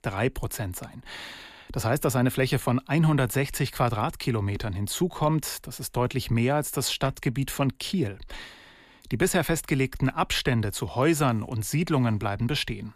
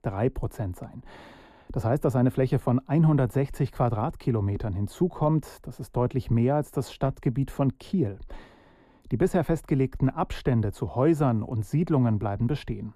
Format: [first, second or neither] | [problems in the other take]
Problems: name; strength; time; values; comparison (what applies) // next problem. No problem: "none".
first | muffled; slightly; fading above 1.5 kHz